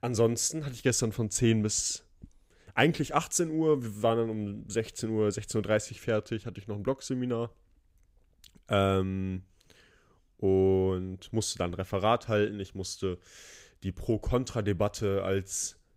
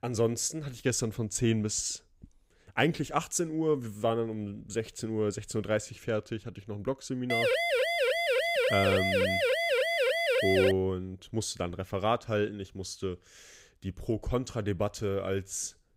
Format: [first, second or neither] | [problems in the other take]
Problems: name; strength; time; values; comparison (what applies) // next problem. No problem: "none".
first | siren; loud; from 7.5 to 11 s; peak 5 dB above the speech